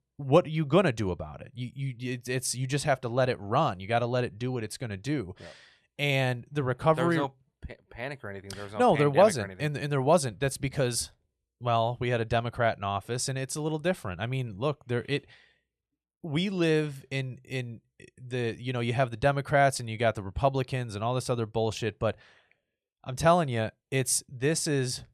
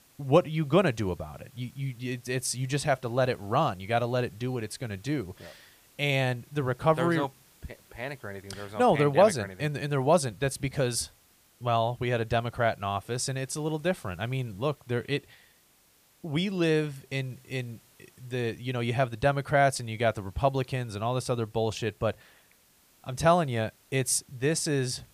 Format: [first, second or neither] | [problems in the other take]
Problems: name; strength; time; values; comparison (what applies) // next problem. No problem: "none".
first | hiss; faint; throughout; 30 dB below the speech